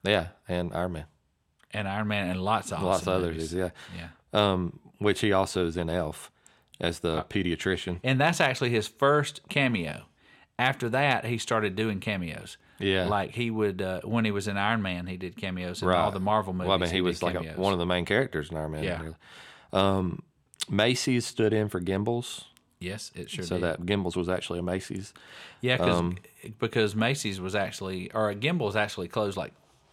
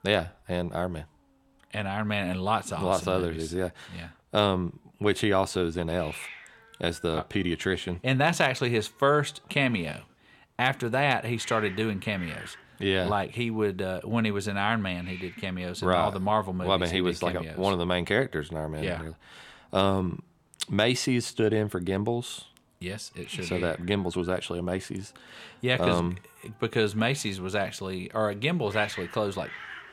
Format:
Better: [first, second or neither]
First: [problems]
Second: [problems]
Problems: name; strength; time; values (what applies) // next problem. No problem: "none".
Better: first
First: none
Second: hiss; noticeable; throughout; 15 dB below the speech